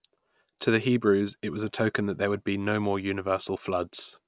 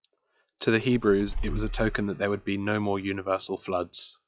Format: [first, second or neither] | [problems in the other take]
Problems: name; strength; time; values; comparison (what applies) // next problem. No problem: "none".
first | noise reduction (classical method log-MMSE)